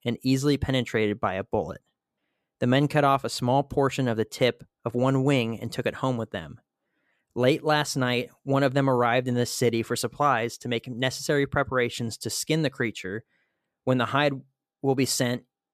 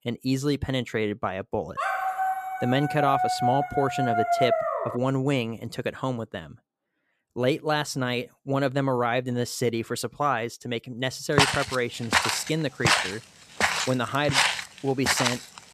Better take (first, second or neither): first